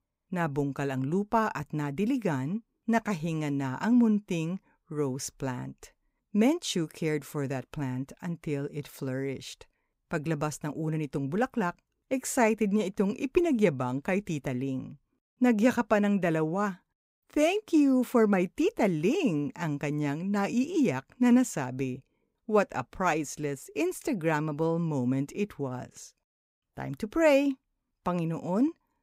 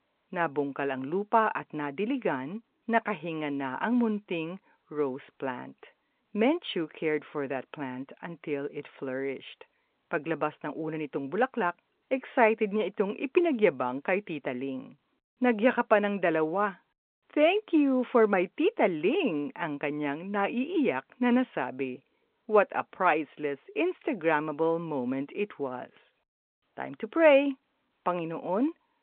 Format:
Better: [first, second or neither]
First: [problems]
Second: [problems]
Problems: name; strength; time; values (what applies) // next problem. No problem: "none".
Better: first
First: none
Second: phone-call audio